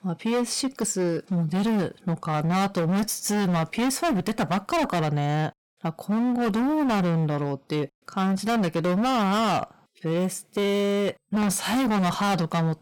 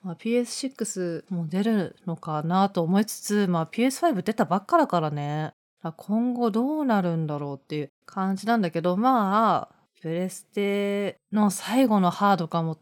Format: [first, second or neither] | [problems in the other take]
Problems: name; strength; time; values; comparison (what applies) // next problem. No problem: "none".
second | distortion; heavy; 28% of the sound clipped